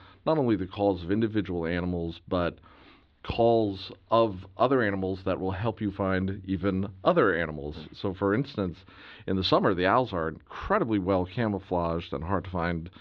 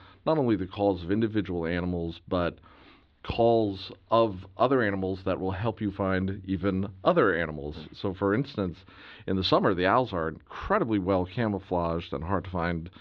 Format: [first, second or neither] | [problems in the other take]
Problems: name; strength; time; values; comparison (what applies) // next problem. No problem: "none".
neither | muffled; very slightly; fading above 4 kHz; the same in both